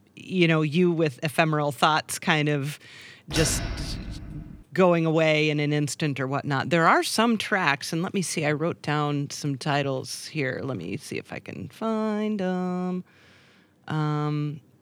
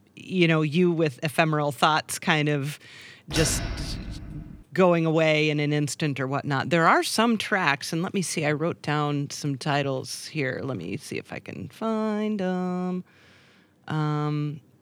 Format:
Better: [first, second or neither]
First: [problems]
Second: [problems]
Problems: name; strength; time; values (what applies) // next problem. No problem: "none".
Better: neither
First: door banging; noticeable; from 3.5 to 4.5 s; peak 3 dB below the speech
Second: door banging; noticeable; from 3.5 to 4.5 s; peak 3 dB below the speech